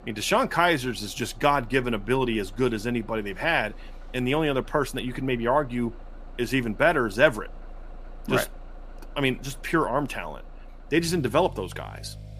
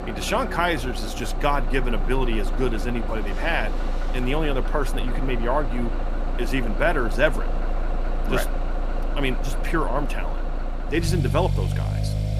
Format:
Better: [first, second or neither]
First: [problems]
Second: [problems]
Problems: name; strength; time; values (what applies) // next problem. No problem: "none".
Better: first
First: traffic noise; faint; throughout; 20 dB below the speech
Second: traffic noise; loud; throughout; 2 dB below the speech